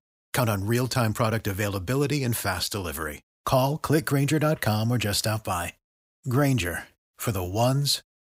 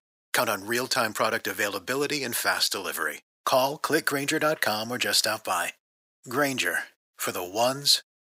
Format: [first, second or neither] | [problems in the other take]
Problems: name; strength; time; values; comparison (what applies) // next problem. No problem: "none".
first | thin; somewhat; fading below 350 Hz